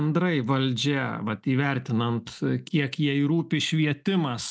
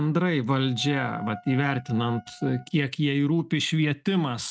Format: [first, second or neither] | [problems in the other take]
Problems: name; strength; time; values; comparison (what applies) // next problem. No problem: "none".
first | noise reduction (neural mask model RNNoise)